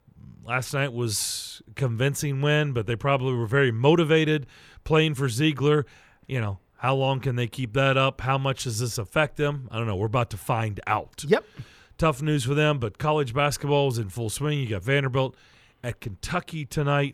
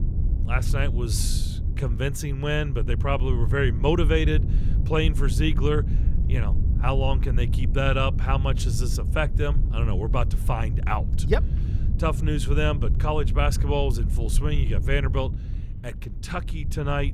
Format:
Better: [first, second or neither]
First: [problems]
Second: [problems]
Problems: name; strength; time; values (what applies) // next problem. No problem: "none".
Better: first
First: none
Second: wind noise on the microphone; occasional gusts; 10 dB below the speech